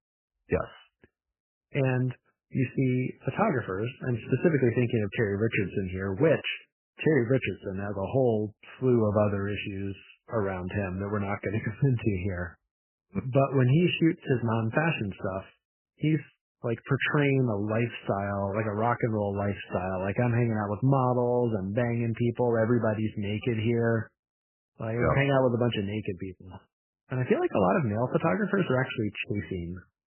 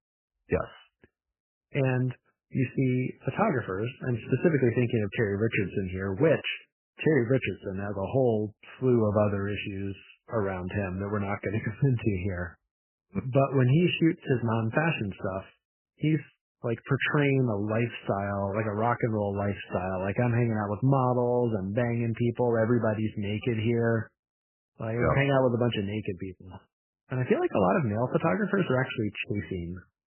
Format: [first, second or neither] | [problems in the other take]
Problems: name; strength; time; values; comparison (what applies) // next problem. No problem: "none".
neither | garbled, watery; badly; nothing above 3 kHz; the same in both